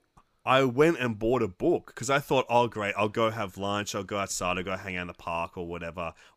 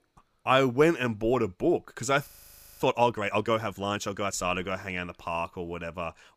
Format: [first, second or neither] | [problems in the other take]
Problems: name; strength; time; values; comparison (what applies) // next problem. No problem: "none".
first | audio freezing; at 2.5 s for 0.5 s